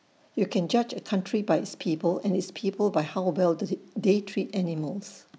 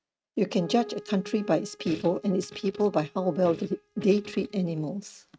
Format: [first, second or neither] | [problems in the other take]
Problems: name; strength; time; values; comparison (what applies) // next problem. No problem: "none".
first | noise reduction (neural mask model RNNoise)